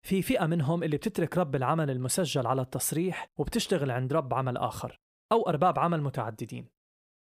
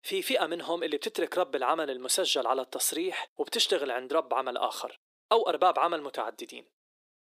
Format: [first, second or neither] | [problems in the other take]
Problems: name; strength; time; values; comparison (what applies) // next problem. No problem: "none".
first | thin; very; fading below 350 Hz